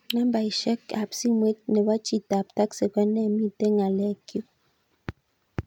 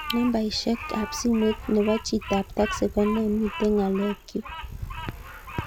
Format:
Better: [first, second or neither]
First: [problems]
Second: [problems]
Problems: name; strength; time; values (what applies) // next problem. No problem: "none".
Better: first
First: none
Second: background sound (Bicycle + Bird vocalization, bird call, bird song); 10 dB below the speech